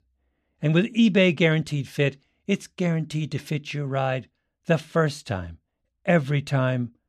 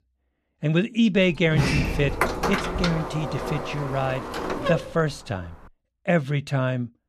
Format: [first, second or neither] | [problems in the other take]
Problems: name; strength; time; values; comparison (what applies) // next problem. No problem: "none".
first | door banging; loud; from 1.5 to 5 s; peak 2 dB above the speech